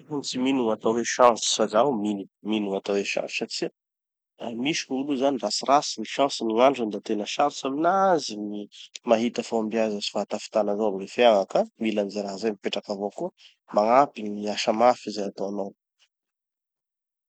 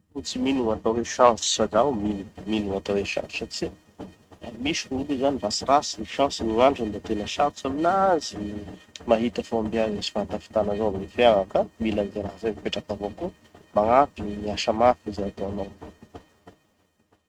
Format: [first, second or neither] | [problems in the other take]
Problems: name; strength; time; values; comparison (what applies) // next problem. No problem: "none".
first | noise reduction (neural mask model RNNoise)